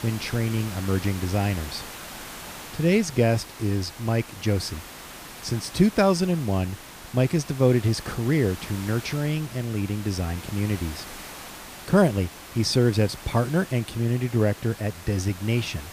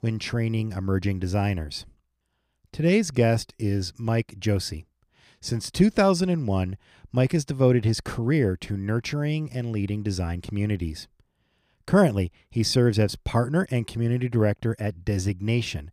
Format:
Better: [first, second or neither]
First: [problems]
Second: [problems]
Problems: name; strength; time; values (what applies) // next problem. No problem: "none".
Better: second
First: hiss; noticeable; throughout; 15 dB below the speech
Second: none